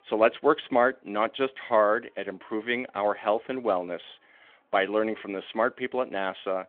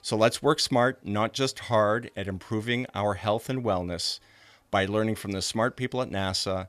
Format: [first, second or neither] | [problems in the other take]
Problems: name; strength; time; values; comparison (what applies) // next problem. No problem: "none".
second | phone-call audio; nothing above 3.5 kHz